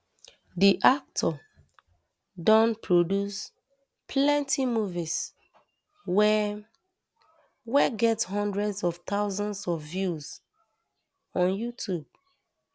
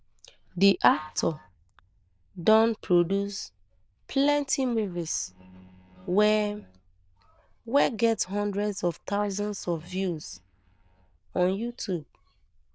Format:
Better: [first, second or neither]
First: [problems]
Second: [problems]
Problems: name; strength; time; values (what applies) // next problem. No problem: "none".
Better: first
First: none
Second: noise reduction (neural diffusion model UNIVERSE++)